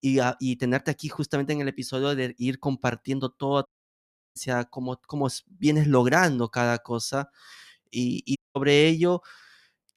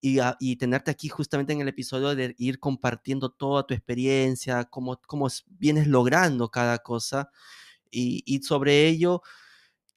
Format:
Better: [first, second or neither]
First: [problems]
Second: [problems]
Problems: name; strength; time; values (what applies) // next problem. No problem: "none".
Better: second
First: audio cutting out; at 3.5 s for 0.5 s and at 8.5 s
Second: none